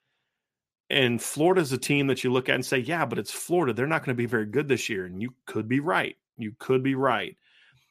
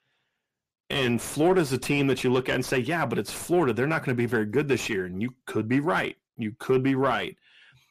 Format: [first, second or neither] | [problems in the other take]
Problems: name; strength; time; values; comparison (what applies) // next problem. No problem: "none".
first | distortion; slight; 10 dB below the speech